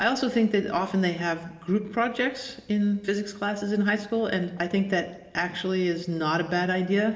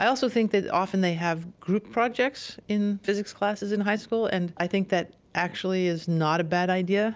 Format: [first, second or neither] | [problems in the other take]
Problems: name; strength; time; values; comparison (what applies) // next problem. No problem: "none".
second | room echo; dies away in 1.1 s